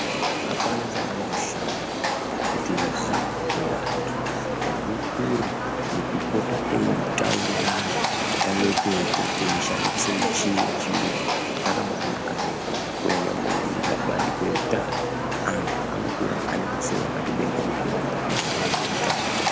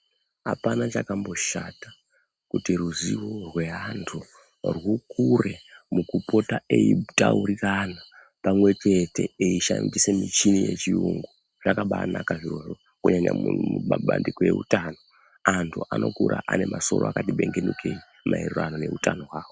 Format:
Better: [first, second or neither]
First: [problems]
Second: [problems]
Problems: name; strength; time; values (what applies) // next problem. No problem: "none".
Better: second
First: background sound (Livestock, farm animals, working animals); 5 dB above the speech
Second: none